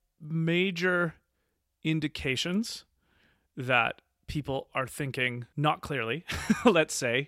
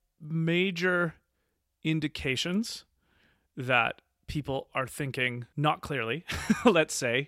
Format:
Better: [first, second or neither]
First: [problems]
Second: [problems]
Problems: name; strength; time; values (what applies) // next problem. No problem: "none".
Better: neither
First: none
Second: none